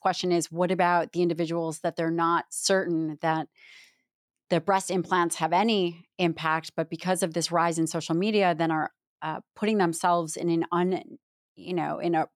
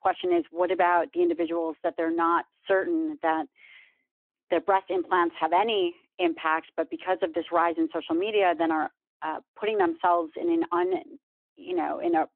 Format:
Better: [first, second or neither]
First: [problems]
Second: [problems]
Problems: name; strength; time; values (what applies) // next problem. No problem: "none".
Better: first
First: none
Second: phone-call audio